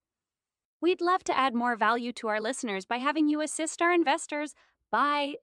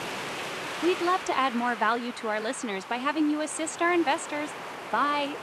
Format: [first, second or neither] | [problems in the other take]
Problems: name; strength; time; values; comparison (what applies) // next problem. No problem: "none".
first | wind noise on the microphone; heavy; 9 dB below the speech